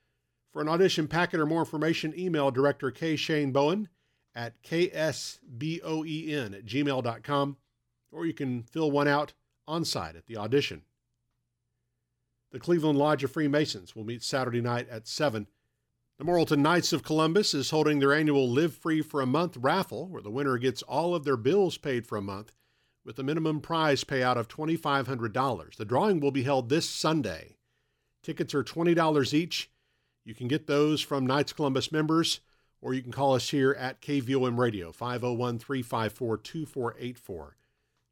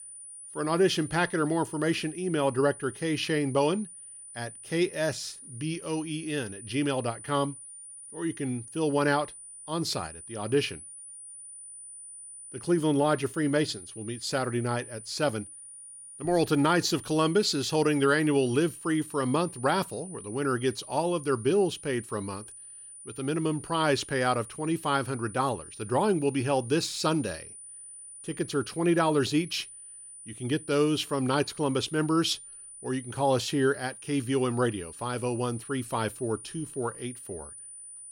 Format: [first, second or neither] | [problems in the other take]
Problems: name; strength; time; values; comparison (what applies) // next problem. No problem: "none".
first | high-pitched whine; noticeable; throughout; 9.5 kHz, 15 dB below the speech